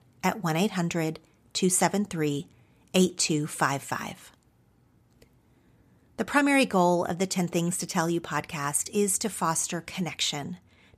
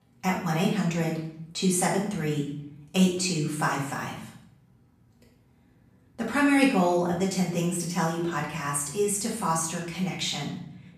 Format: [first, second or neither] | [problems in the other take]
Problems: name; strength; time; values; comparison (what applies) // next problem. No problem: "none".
first | off-mic speech; far // room echo; noticeable; dies away in 0.6 s